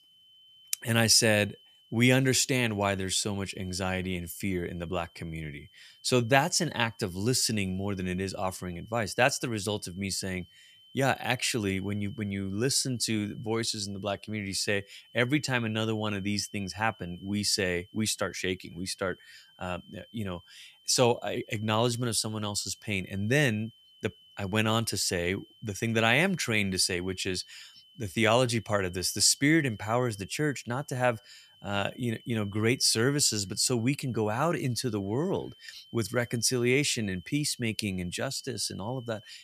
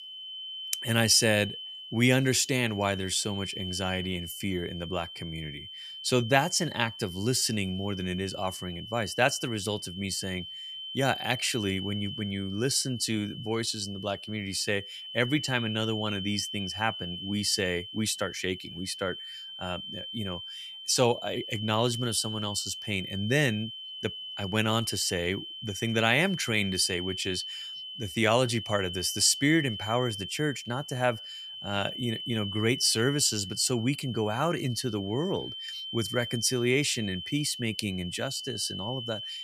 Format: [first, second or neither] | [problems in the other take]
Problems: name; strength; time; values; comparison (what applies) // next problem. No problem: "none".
first | high-pitched whine; loud; throughout; 3 kHz, 9 dB below the speech; faint in the first